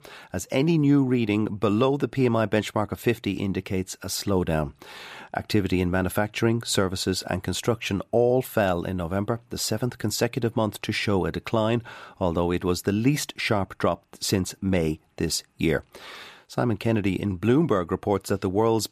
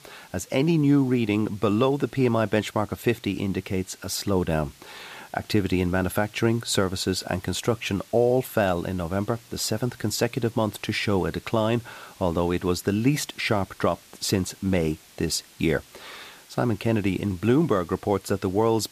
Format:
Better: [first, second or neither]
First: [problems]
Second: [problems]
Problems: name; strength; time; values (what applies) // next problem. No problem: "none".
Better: first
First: none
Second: hiss; faint; throughout; 25 dB below the speech